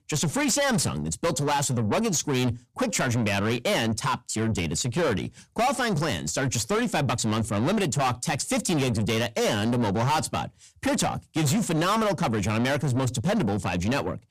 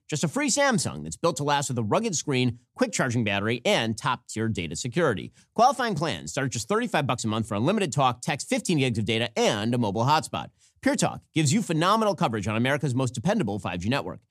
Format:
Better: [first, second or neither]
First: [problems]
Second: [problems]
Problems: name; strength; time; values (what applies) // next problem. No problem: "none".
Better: second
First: distortion; heavy; 6 dB below the speech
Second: none